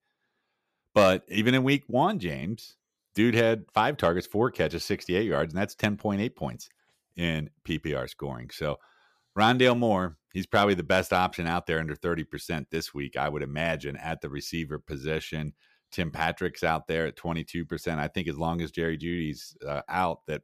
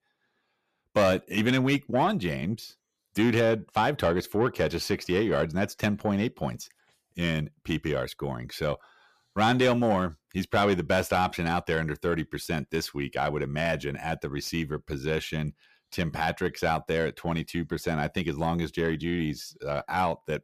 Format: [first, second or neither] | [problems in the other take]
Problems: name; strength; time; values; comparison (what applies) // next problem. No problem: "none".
first | distortion; slight; 10 dB below the speech